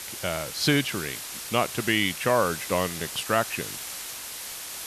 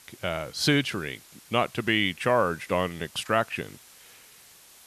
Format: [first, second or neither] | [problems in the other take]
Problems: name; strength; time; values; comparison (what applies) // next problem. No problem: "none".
second | hiss; loud; throughout; 7 dB below the speech; faint in the second